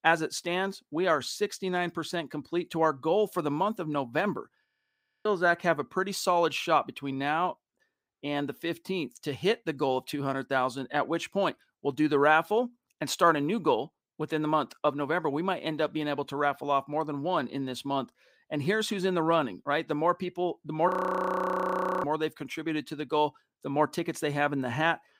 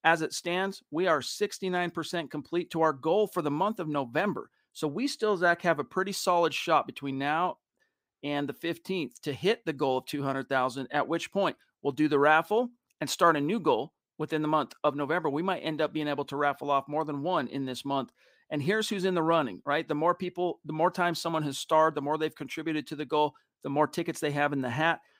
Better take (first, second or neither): second